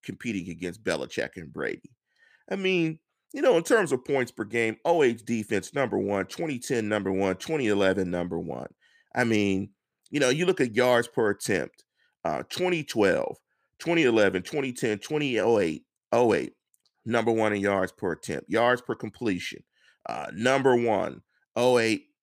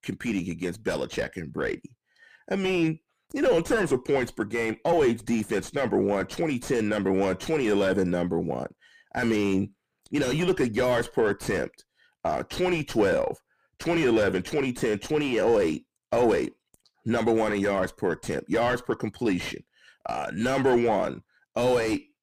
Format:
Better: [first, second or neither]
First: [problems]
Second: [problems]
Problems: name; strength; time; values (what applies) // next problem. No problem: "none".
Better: first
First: none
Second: distortion; heavy; 7 dB below the speech